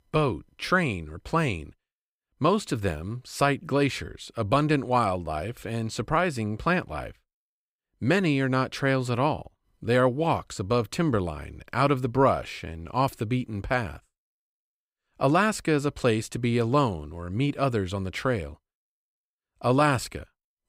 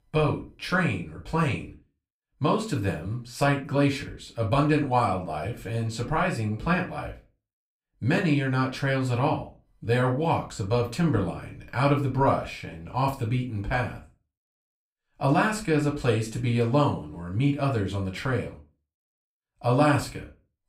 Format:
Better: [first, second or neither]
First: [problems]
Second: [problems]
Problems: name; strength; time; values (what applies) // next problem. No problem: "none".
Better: first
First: none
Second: off-mic speech; far // room echo; very slight; dies away in 0.3 s